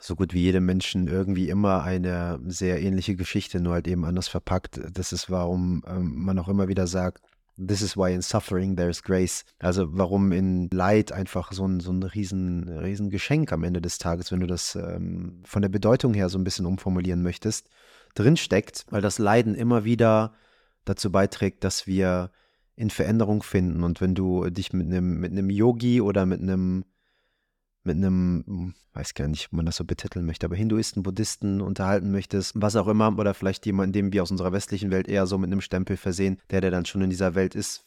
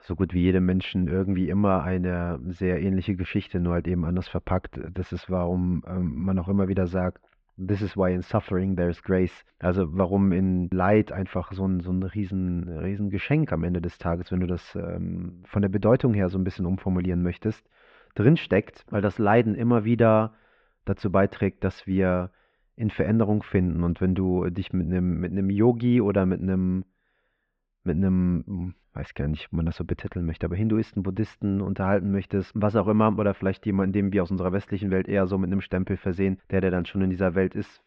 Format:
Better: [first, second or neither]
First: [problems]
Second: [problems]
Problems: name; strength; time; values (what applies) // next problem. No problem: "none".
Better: first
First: none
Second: muffled; very; fading above 3 kHz